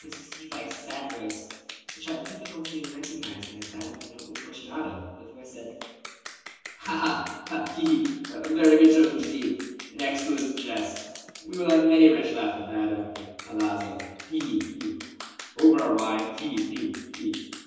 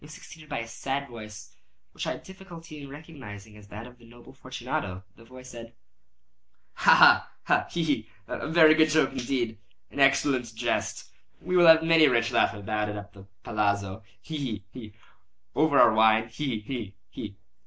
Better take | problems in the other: second | background sound (Clapping); 17 dB below the speech // room echo; dies away in 1.1 s

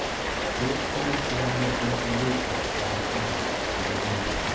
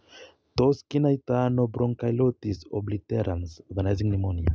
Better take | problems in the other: second | background sound (Rain); 5 dB above the speech // room echo; dies away in 0.9 s

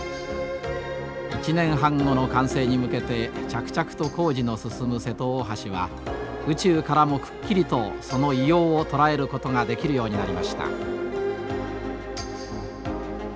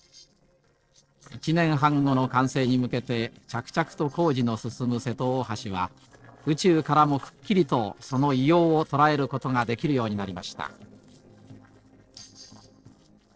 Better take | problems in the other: first | noise reduction (neural separator model SepFormer DNS4)

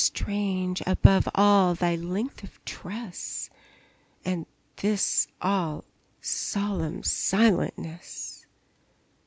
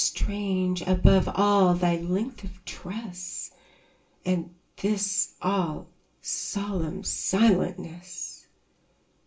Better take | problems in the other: first | room echo; dies away in 0.2 s

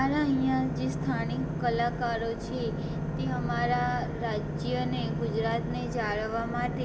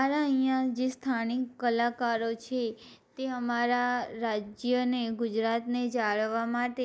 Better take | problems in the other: second | background sound (Engine / Boat, Water vehicle); 1 dB below the speech // room echo; dies away in 1.8 s

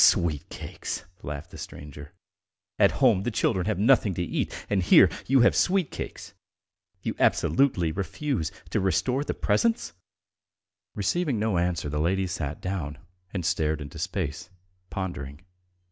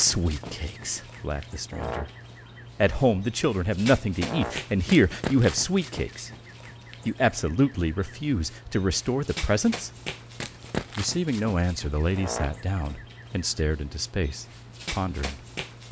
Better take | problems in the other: first | background sound (Brass instrument + Run); 12 dB below the speech

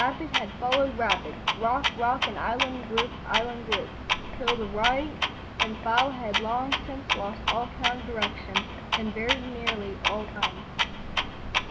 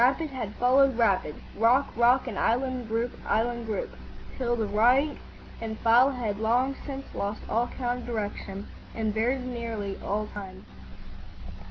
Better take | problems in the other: second | background sound (Clock); as loud as the speech

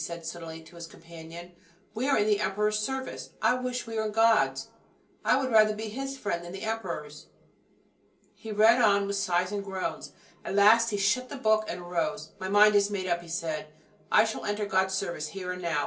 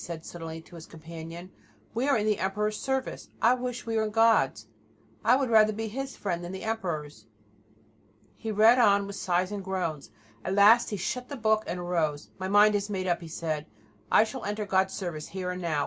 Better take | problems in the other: second | room echo; dies away in 0.3 s

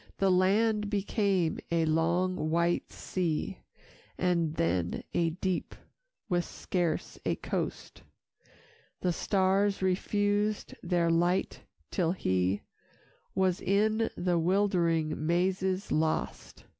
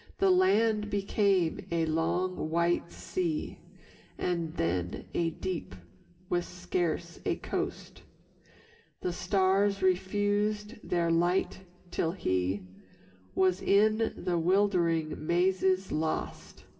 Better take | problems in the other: first | room echo; dies away in 1.9 s

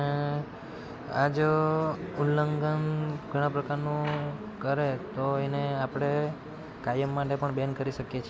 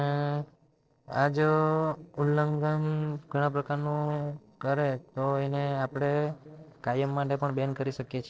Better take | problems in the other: first | noise reduction (neural separator model SepFormer DNS4)

